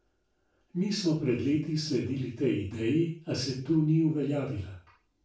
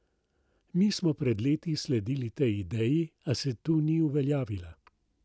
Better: second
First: room echo; dies away in 0.3 s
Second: none

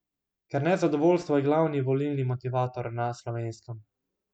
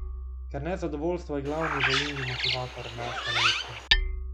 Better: first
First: none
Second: background sound (Hammer + Bird); 5 dB above the speech

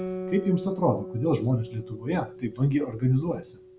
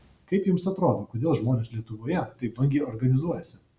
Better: second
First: background sound (Guitar); 11 dB below the speech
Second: none

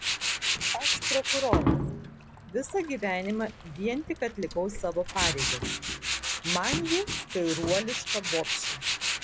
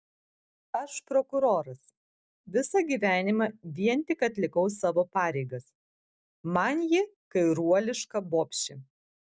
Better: second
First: background sound (Tools); 1 dB above the speech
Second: none

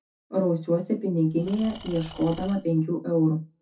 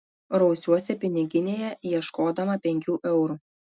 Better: second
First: background sound (Engine / Tools); 18 dB below the speech // room echo; dies away in 0.3 s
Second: none

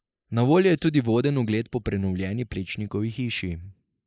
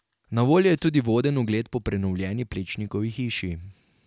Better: second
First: noise reduction (neural mask model Resemble Enhance denoiser)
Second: none

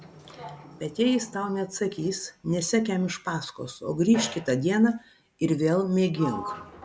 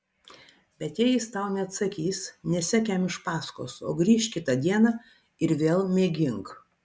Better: second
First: background sound (Sliding door); 17 dB below the speech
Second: none

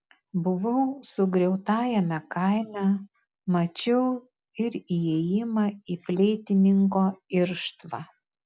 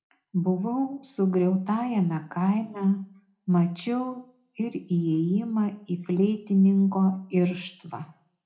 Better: first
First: none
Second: room echo; dies away in 0.4 s

